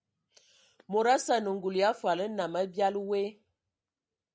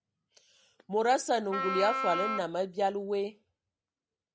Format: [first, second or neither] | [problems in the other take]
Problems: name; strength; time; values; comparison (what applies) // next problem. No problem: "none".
first | background sound (Wind instrument, woodwind instrument); 1 dB below the speech